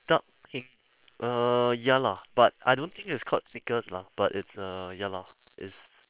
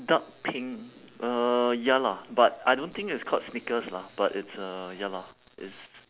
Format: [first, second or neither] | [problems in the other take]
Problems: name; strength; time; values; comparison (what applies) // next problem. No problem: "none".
second | noise reduction (neural separator model SepFormer WHAM!)